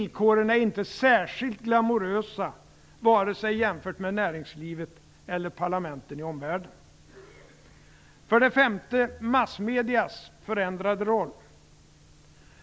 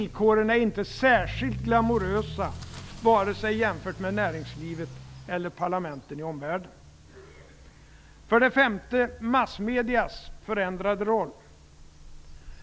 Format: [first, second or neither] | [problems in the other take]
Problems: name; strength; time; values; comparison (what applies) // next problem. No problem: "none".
first | background sound (Accelerating, revving, vroom / Motor vehicle (road)); 14 dB below the speech